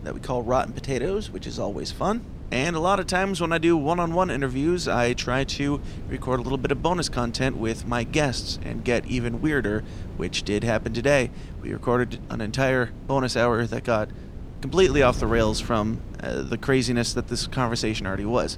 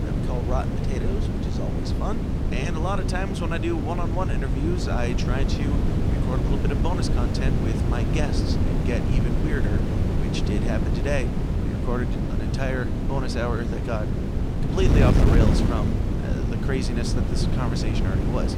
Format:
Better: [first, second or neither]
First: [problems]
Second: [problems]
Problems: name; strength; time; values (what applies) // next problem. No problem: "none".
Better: first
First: wind noise on the microphone; occasional gusts; 20 dB below the speech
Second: wind noise on the microphone; heavy; 1 dB below the speech